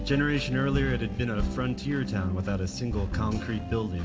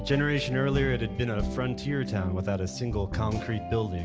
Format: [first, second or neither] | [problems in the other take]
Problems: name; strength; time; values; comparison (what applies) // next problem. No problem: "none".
second | background sound (Engine); 16 dB below the speech // room echo; dies away in 0.6 s